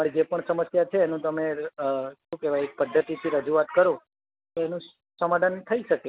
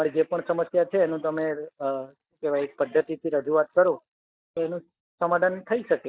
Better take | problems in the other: first | noise reduction (neural mask model DeepFilterNet 3)

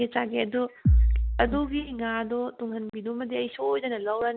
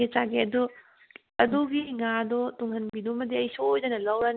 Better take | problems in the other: second | background sound (Bass drum); 4 dB above the speech

